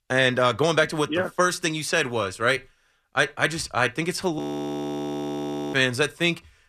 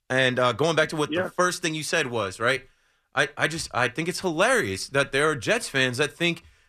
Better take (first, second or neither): second